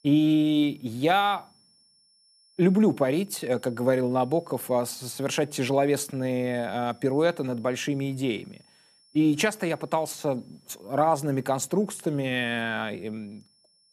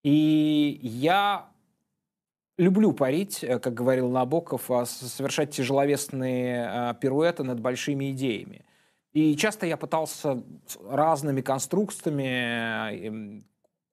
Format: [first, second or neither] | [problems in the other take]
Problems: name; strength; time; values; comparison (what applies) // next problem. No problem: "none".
second | high-pitched whine; faint; throughout; 5.5 kHz, 35 dB below the speech